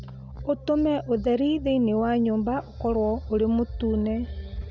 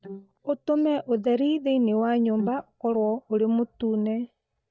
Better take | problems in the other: first | noise reduction (neural mask model DeepFilterNet 3)

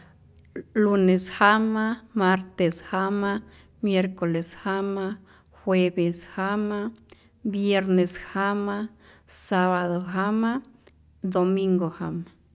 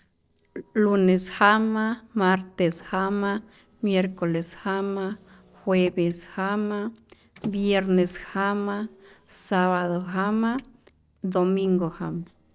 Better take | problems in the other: first | noise reduction (neural separator model SepFormer DNS4)

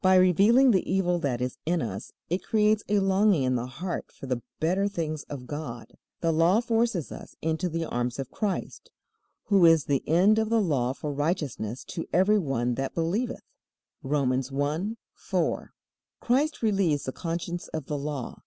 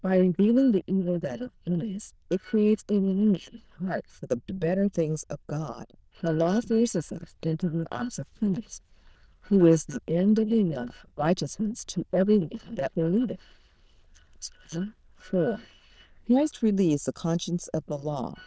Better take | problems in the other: first | noise reduction (neural diffusion model UNIVERSE++)

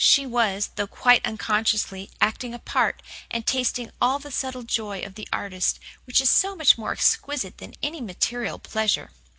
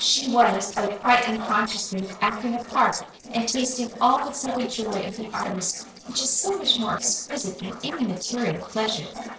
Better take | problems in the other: first | noise reduction (neural separator model SepFormer DNS4)

